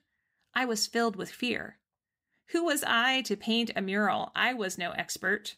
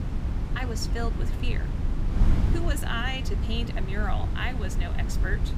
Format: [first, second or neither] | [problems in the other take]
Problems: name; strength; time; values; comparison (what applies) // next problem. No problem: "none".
first | wind noise on the microphone; heavy; 7 dB below the speech